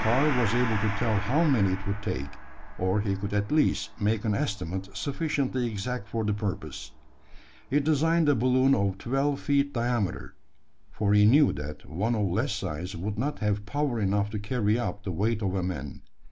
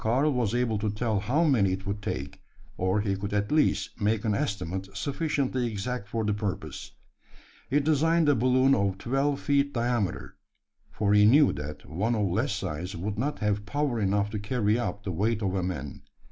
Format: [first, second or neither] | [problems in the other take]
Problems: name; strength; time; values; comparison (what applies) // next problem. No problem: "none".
second | background sound (Gong); 10 dB below the speech